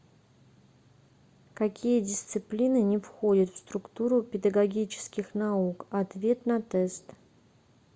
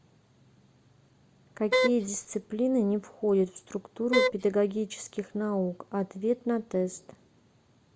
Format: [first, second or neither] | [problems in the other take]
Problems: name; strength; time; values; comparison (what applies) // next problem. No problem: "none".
first | background sound (Wind instrument, woodwind instrument); 2 dB above the speech